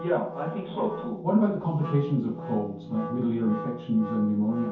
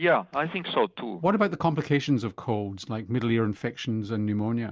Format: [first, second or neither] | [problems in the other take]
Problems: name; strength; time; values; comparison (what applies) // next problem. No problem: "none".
second | background sound (Wind instrument, woodwind instrument); 11 dB below the speech // room echo; dies away in 0.6 s